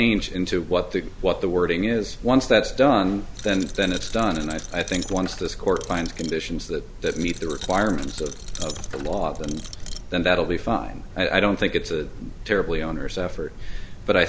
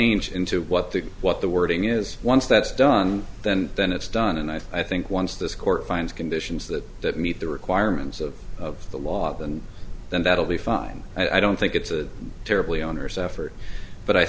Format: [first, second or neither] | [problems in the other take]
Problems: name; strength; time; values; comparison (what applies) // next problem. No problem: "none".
second | background sound (Coin (dropping)); 16 dB below the speech